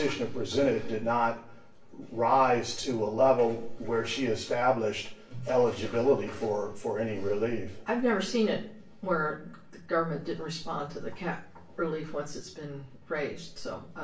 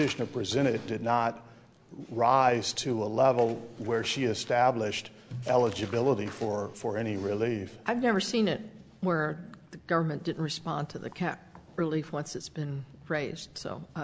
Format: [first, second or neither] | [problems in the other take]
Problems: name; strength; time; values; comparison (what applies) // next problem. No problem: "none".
second | room echo; dies away in 0.3 s